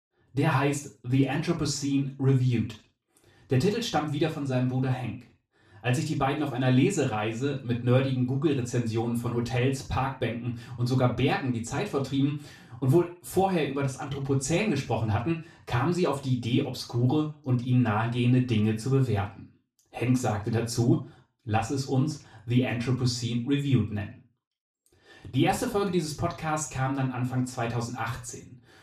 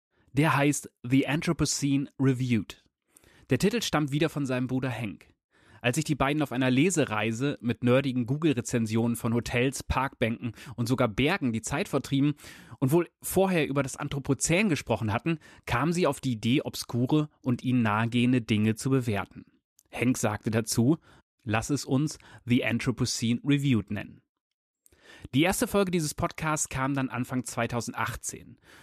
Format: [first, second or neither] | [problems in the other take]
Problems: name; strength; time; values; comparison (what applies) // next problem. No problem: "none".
second | room echo; slight; dies away in 0.3 s // off-mic speech; far